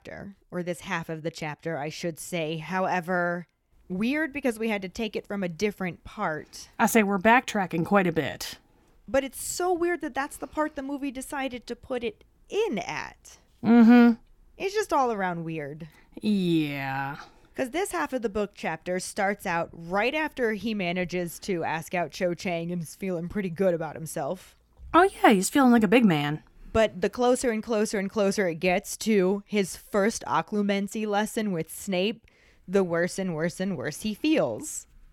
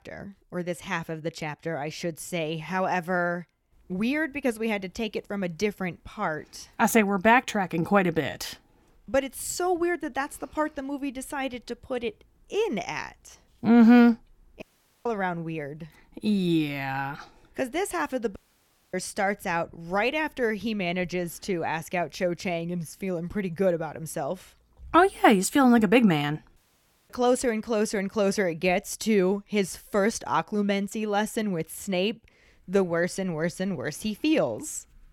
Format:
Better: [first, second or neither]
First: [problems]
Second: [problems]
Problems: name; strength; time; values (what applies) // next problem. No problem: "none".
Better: first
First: none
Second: audio cutting out; at 15 s, at 18 s for 0.5 s and at 27 s for 0.5 s